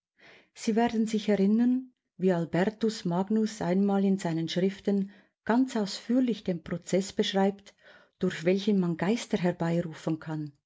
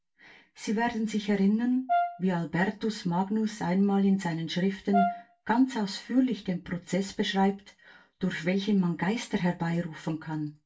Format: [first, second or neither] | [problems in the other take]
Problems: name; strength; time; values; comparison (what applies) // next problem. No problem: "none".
first | background sound (Brass instrument); 5 dB below the speech // room echo; dies away in 0.2 s